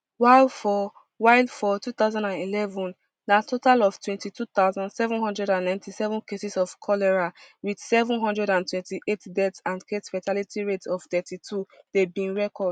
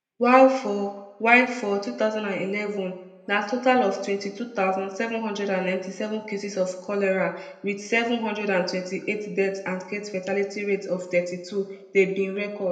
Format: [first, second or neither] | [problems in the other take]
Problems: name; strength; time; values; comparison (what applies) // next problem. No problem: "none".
first | room echo; dies away in 0.7 s